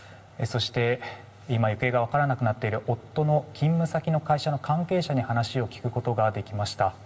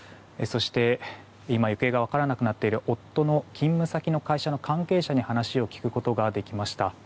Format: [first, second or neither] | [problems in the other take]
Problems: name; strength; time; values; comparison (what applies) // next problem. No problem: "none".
second | room echo; dies away in 0.5 s